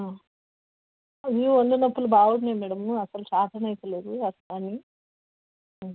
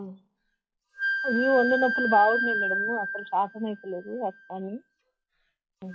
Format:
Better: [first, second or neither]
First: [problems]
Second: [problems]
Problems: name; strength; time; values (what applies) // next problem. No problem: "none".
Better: first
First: none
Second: noise reduction (classical method log-MMSE)